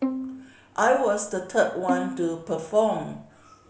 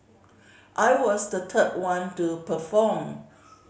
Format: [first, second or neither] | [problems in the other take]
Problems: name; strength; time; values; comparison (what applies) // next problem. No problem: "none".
second | background sound (Bowed string instrument); 8 dB below the speech